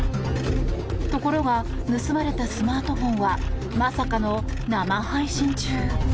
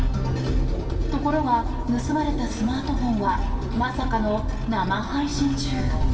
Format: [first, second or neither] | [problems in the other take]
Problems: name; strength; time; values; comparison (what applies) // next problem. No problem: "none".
first | room echo; dies away in 2.6 s